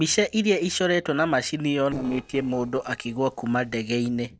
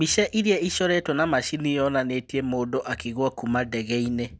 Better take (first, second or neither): second